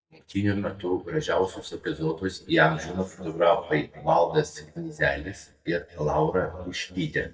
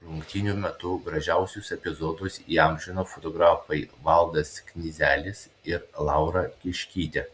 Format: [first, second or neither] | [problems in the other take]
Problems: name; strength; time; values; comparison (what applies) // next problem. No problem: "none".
second | noise reduction (neural mask model DeepFilterNet 3)